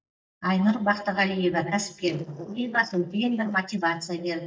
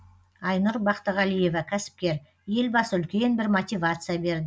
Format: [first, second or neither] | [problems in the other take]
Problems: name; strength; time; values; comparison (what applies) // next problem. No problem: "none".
second | noise reduction (neural mask model DeepFilterNet 3)